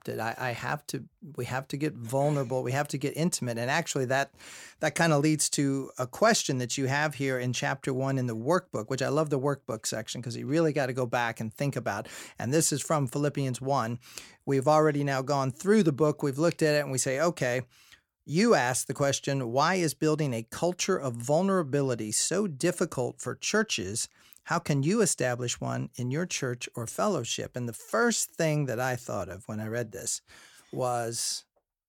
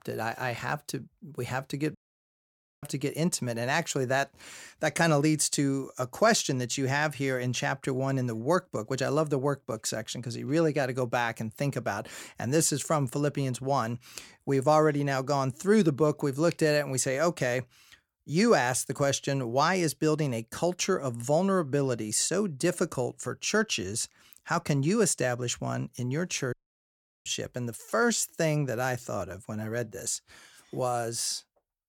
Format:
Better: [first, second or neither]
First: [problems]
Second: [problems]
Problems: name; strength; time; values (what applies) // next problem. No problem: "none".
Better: first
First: none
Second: audio cutting out; at 2 s for 1 s and at 27 s for 0.5 s